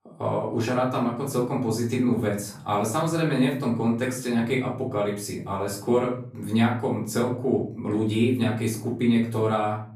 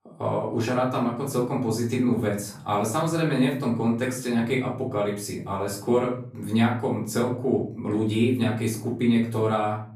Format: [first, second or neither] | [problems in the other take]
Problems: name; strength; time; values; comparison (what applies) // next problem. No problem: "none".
neither | off-mic speech; far; the same in both // room echo; slight; dies away in 0.6 s; the same in both